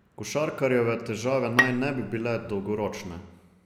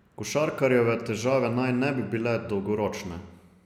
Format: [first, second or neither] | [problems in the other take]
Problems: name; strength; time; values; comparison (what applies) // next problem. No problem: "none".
second | background sound (Bowed string instrument); 2 dB below the speech